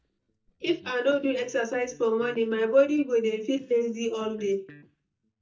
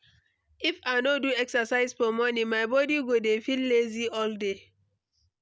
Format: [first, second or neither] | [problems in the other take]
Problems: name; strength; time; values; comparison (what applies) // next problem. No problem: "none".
second | noise reduction (neural mask model DeepFilterNet 3)